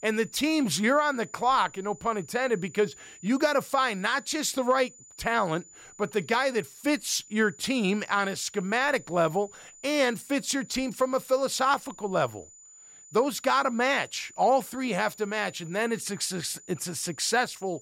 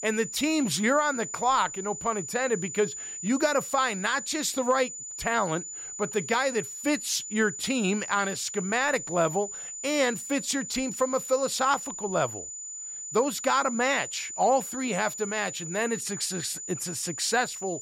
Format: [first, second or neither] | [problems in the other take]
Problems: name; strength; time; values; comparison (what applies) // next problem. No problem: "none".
first | high-pitched whine; loud; throughout; 7 kHz, 8 dB below the speech; faint in the first